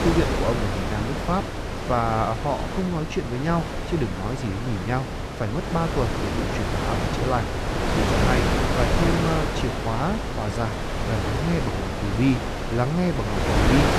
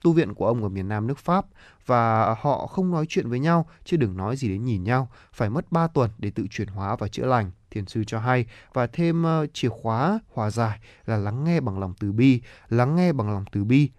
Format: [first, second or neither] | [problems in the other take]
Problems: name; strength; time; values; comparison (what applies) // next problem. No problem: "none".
second | wind noise on the microphone; heavy; 1 dB above the speech